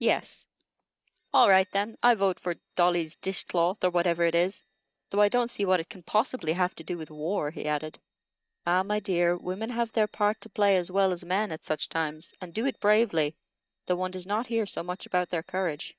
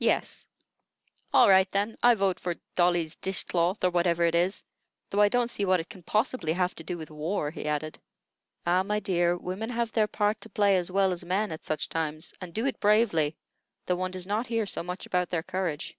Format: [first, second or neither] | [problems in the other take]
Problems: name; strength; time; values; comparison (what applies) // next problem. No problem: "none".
second | noise reduction (neural mask model DeepFilterNet 3)